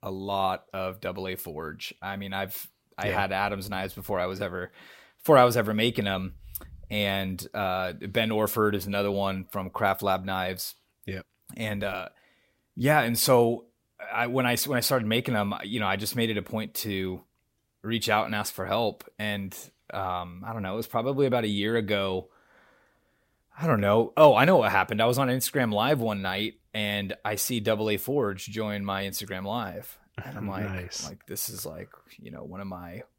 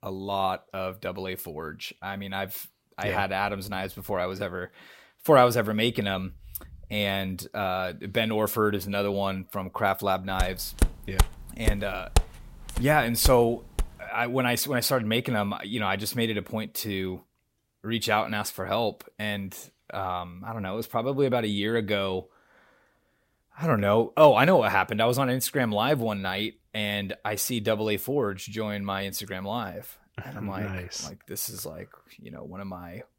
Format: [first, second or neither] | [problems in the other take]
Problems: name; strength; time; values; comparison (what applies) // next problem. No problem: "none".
first | footsteps; noticeable; from 10 to 14 s; peak level with the speech